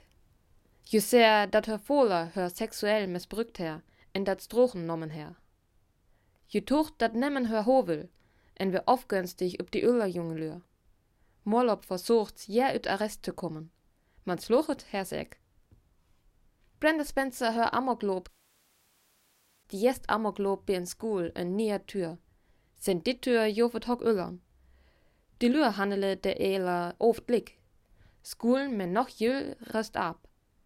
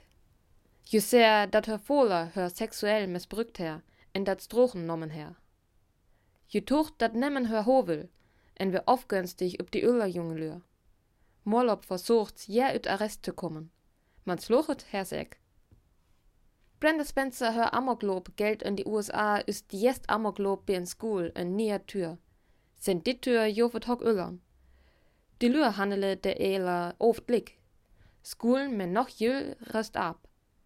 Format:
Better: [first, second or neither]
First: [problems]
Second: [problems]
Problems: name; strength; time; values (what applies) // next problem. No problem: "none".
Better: second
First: audio cutting out; at 18 s for 1.5 s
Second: none